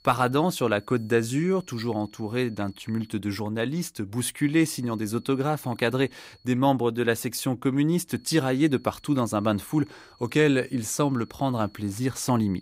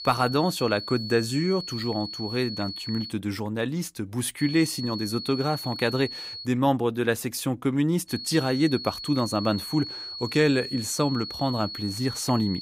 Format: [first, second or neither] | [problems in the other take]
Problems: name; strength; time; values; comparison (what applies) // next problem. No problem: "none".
first | high-pitched whine; loud; until 3 s, from 4.5 to 6.5 s and from 8 s on; 4.5 kHz, 8 dB below the speech; faint in the first